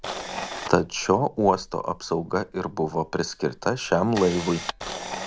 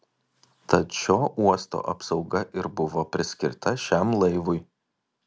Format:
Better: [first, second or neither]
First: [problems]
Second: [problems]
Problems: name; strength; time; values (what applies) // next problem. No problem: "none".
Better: second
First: background sound (Camera); 12 dB below the speech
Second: none